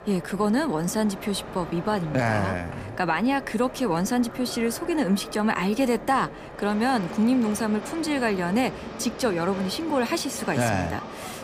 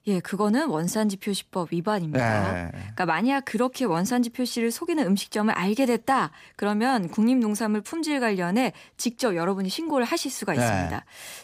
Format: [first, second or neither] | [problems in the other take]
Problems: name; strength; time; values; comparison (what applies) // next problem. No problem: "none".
second | train or aircraft noise; noticeable; throughout; 10 dB below the speech